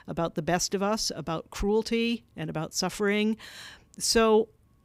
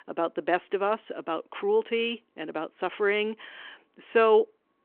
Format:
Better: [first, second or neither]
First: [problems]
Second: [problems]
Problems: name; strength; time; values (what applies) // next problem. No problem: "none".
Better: first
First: none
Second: phone-call audio